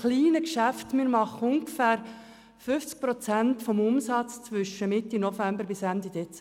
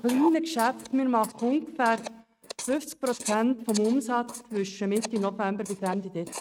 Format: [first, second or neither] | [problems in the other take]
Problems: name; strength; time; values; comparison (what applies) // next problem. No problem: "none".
first | noise reduction (neural mask model RNNoise)